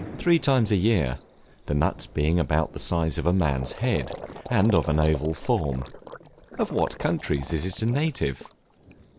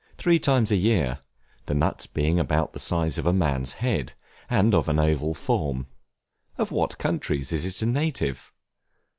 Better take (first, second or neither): second